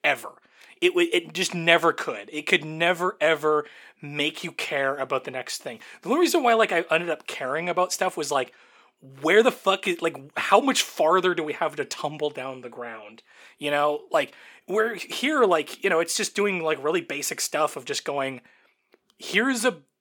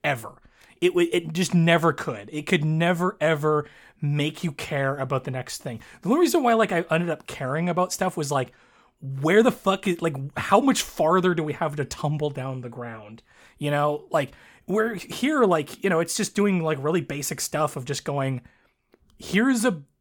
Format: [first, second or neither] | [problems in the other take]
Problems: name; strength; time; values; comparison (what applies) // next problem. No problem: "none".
second | thin; somewhat; fading below 350 Hz